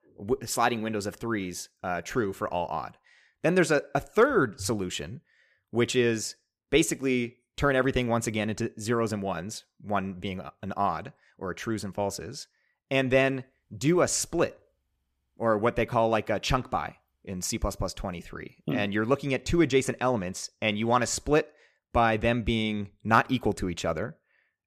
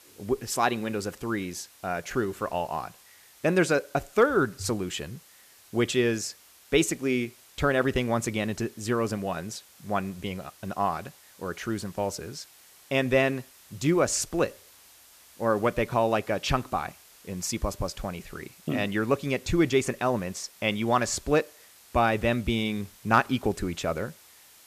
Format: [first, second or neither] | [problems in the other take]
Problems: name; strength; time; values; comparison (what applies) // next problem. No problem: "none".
first | hiss; faint; throughout; 25 dB below the speech